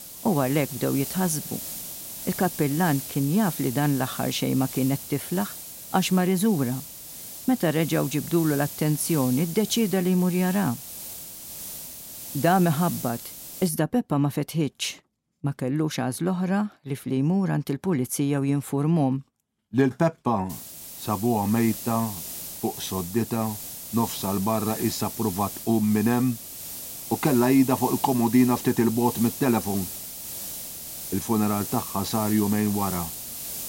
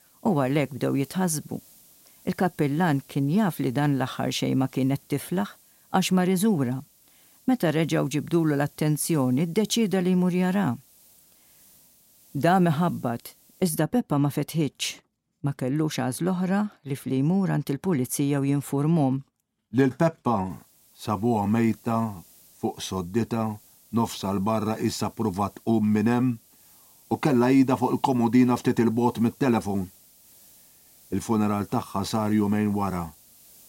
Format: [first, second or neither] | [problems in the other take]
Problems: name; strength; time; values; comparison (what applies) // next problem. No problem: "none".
second | hiss; loud; until 14 s and from 21 s on; 9 dB below the speech; faint in the second